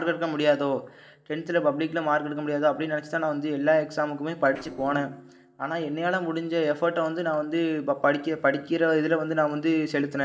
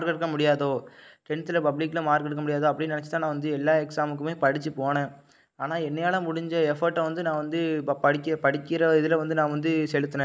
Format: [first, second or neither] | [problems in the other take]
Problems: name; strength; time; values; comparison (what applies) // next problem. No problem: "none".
second | noise reduction (neural separator model SepFormer DNS4)